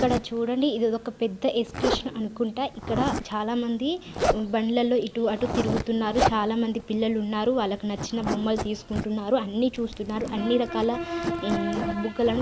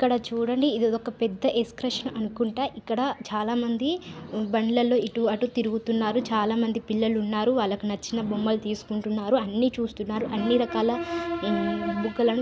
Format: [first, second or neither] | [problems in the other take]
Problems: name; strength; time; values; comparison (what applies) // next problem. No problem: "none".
second | background sound (Zipper (clothing)); 7 dB below the speech